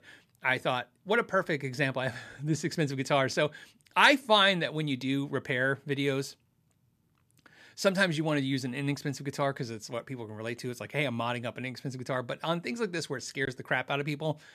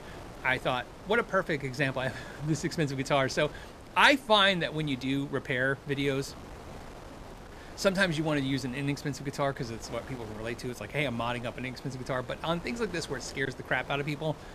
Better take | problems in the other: first | wind noise on the microphone; occasional gusts; 20 dB below the speech

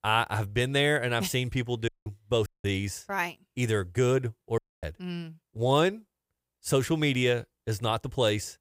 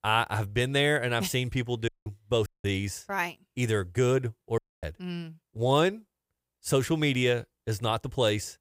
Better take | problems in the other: neither | audio cutting out; at 2 s, at 2.5 s and at 4.5 s; the same in both

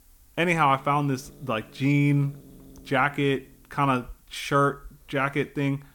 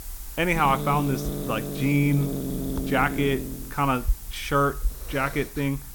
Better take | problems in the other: first | hiss; loud; throughout; 7 dB below the speech; faint in the first

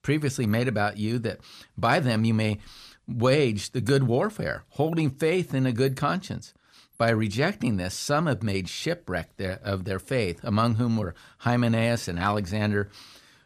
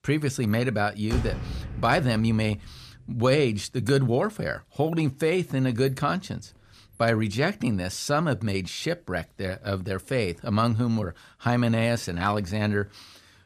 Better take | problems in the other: first | traffic noise; noticeable; throughout; 10 dB below the speech

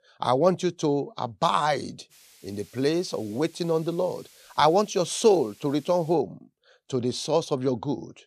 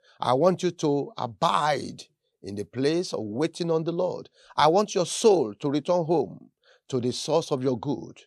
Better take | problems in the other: second | hiss; faint; from 2 to 6 s; 25 dB below the speech

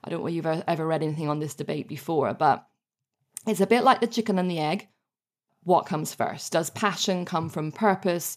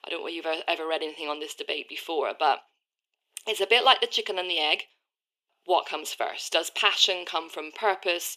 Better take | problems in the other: first | thin; very; fading below 350 Hz

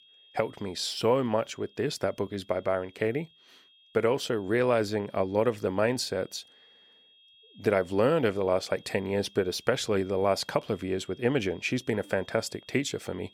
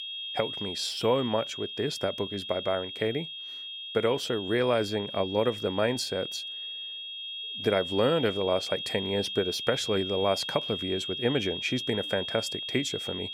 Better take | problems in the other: first | high-pitched whine; loud; throughout; 3.5 kHz, 5 dB below the speech; faint in the first

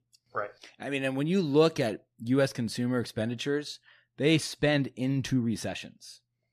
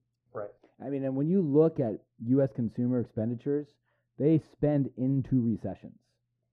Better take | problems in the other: first | muffled; very; fading above 1.5 kHz

